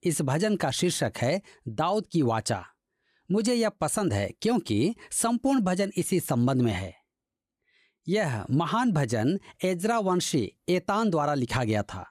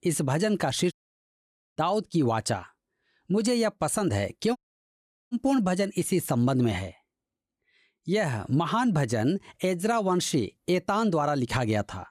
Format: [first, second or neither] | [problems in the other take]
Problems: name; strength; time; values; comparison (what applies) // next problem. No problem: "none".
first | audio cutting out; at 1 s for 1 s and at 4.5 s for 1 s